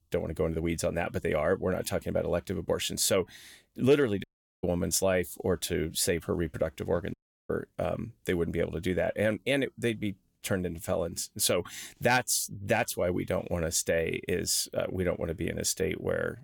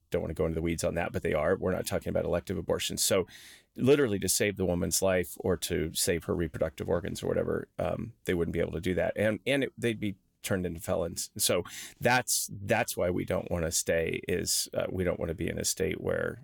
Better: second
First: audio cutting out; at 4 s and at 7 s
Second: none

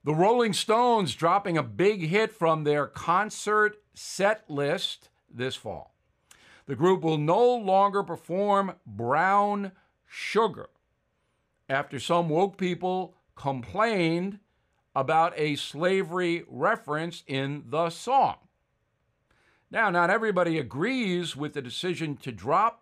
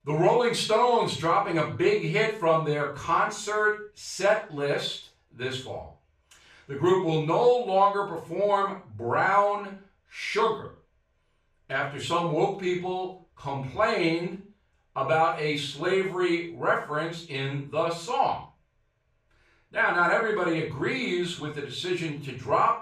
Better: first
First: none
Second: room echo; noticeable; dies away in 0.3 s // off-mic speech; far

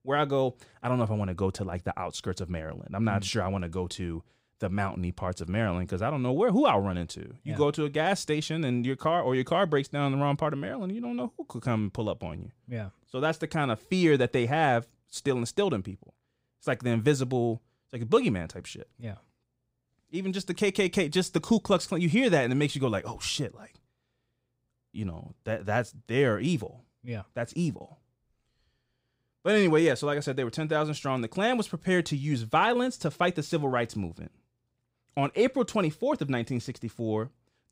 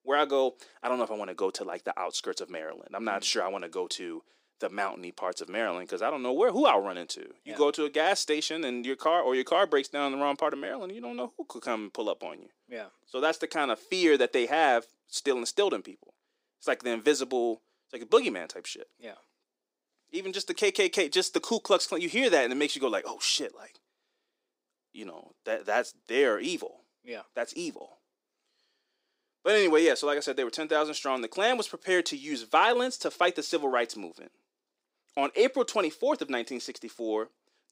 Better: first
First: none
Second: thin; somewhat; fading below 300 Hz

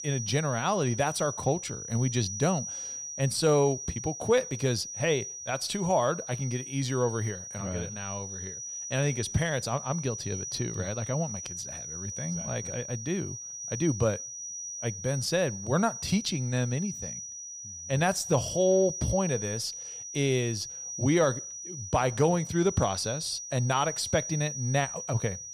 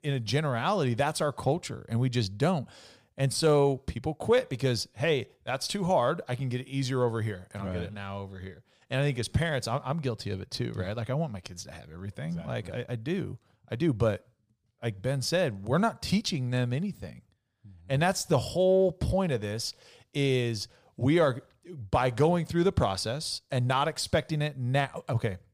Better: second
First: high-pitched whine; loud; throughout; 6 kHz, 7 dB below the speech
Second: none

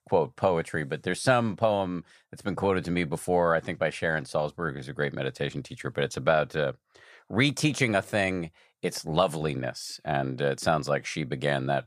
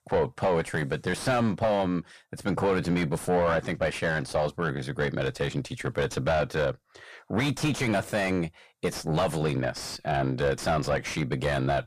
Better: first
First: none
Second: distortion; heavy; 6 dB below the speech

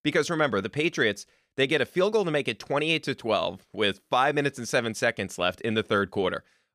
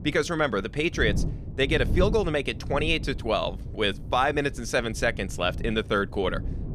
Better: first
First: none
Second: wind noise on the microphone; occasional gusts; 20 dB below the speech

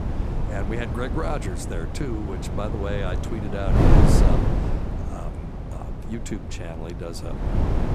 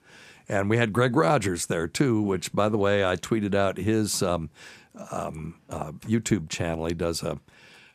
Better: second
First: wind noise on the microphone; heavy; 2 dB above the speech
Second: none

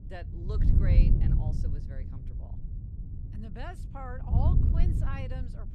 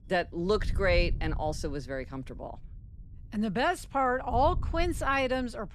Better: second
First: wind noise on the microphone; heavy; 1 dB above the speech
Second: wind noise on the microphone; occasional gusts; 25 dB below the speech

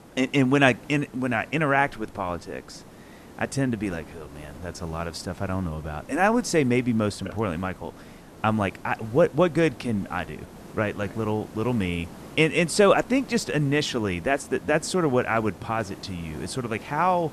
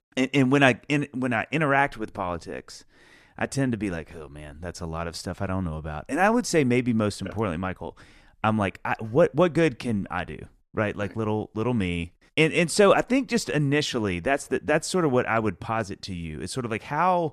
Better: second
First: hiss; noticeable; throughout; 20 dB below the speech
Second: none

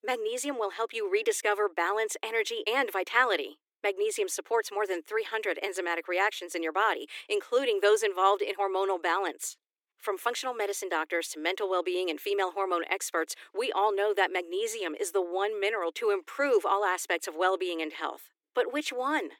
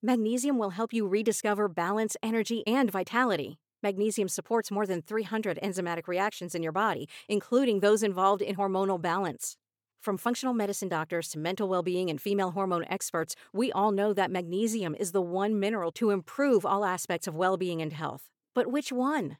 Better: second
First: thin; very; fading below 300 Hz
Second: none

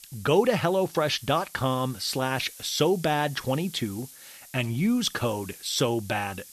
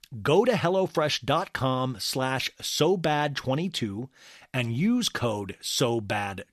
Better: second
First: hiss; noticeable; throughout; 20 dB below the speech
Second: none

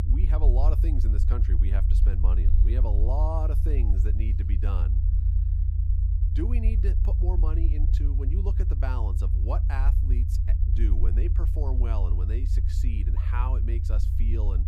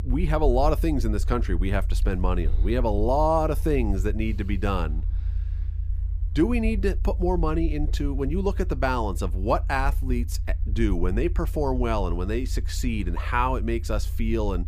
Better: second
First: low rumble; loud; throughout; 5 dB below the speech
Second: low rumble; faint; throughout; 20 dB below the speech

